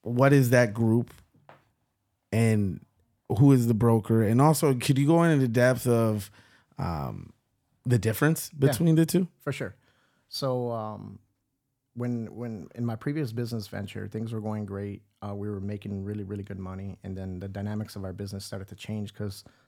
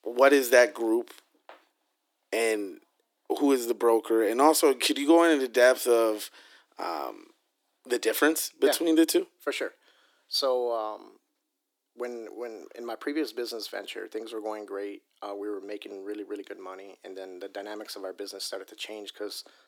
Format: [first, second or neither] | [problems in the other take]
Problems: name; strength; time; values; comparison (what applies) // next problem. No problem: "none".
first | thin; very; fading below 300 Hz